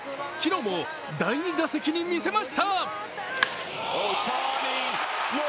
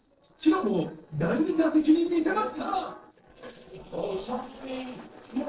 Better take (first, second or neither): first